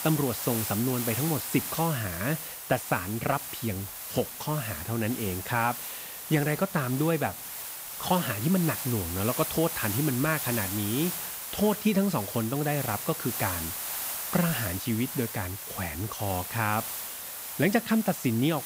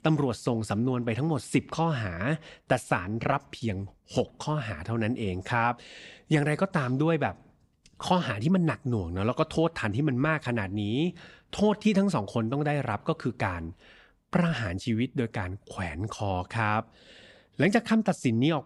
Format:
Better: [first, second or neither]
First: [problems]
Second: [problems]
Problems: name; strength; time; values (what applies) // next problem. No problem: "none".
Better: second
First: hiss; loud; throughout; 4 dB below the speech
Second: none